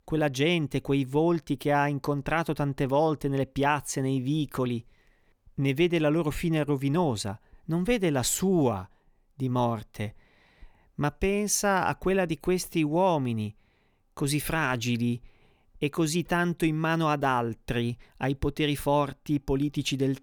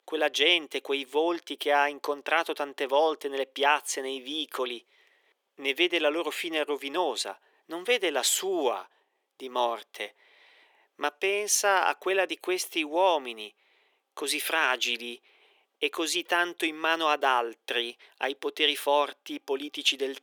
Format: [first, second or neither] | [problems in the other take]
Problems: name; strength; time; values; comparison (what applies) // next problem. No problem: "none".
first | thin; very; fading below 350 Hz